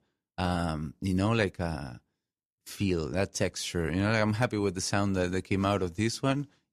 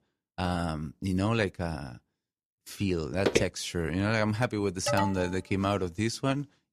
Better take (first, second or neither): first